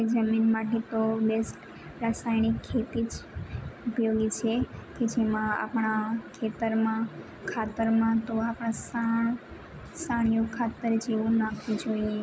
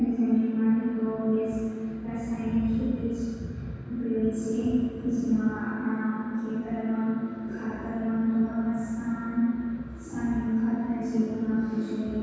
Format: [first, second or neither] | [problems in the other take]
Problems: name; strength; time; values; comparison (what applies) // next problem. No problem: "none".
first | room echo; dies away in 2 s